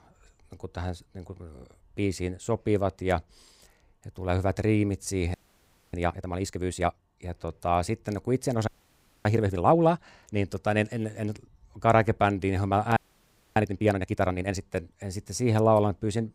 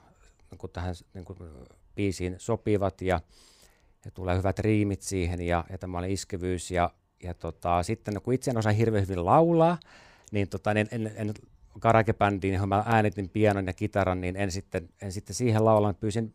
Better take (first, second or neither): second